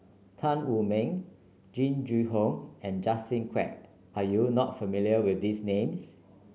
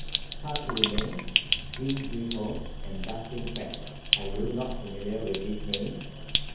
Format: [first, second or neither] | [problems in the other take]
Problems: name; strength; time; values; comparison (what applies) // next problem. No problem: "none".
first | background sound (Sink (filling or washing)); 3 dB above the speech // room echo; dies away in 0.8 s